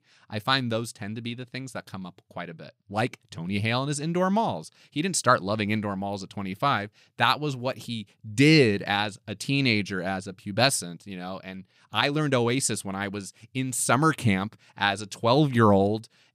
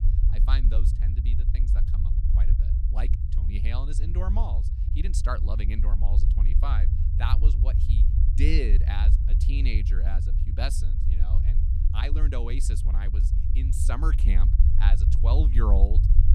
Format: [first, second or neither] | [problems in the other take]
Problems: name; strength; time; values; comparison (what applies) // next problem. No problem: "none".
first | low rumble; loud; throughout; 7 dB below the speech